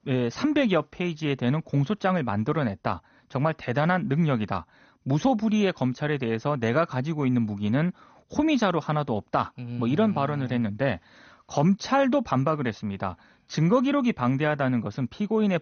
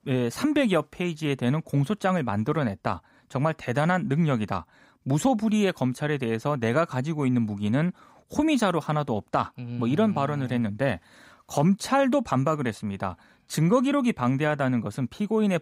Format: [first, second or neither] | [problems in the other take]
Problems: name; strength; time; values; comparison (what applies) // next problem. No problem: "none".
second | garbled, watery; slightly; nothing above 6.5 kHz